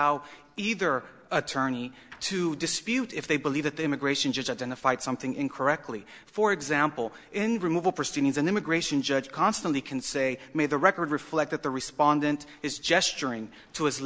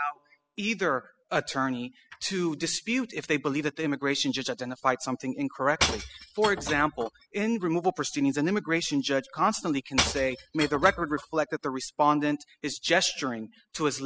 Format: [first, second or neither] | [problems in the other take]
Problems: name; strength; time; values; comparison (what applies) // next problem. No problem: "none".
first | noise reduction (classical method spectral subtraction)